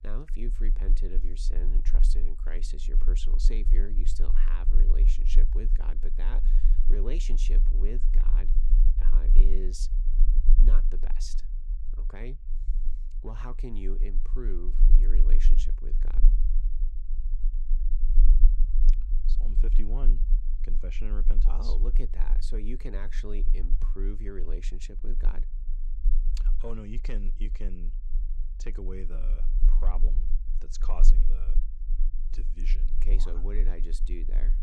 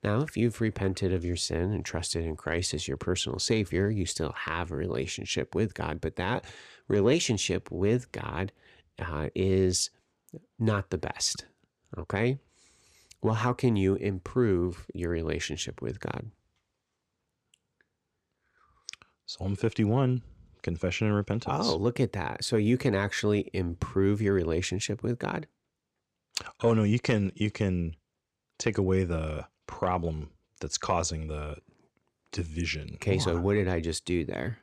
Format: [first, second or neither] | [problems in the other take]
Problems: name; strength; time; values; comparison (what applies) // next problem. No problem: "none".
second | low rumble; loud; throughout; 10 dB below the speech